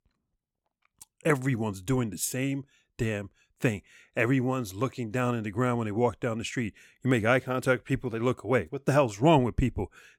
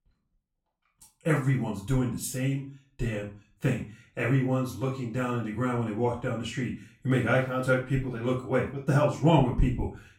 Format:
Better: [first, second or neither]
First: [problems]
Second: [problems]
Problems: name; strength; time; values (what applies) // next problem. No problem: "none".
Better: first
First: none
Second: off-mic speech; far // room echo; slight; dies away in 0.3 s